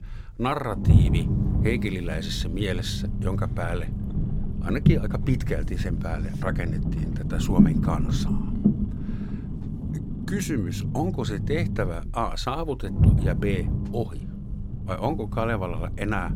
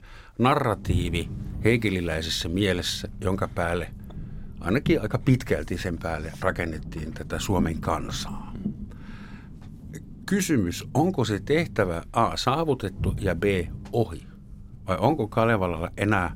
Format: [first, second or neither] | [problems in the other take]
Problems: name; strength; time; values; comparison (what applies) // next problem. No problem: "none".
second | low rumble; loud; throughout; 5 dB below the speech; faint in the second